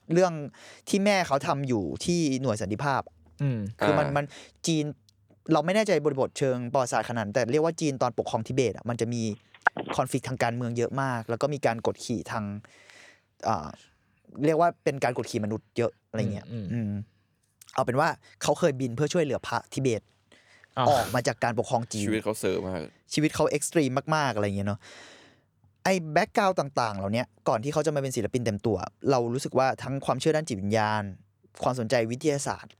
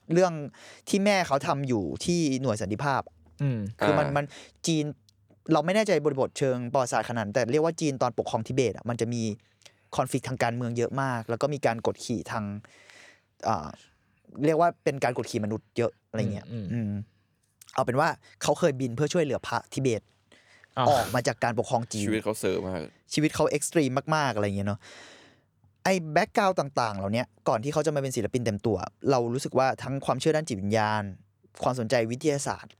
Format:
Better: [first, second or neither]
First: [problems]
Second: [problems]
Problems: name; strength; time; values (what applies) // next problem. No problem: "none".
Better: second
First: phone ringing; loud; at 9.5 s; peak level with the speech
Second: none